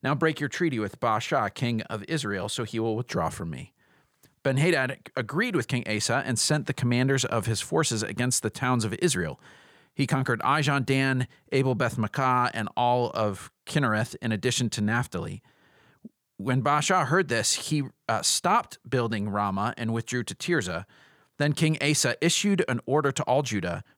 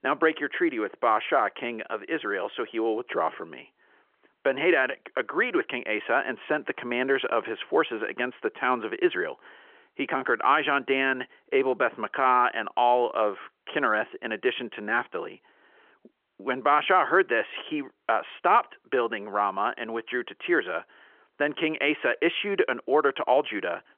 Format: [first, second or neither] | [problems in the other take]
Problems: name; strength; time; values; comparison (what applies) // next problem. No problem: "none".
first | phone-call audio; nothing above 3.5 kHz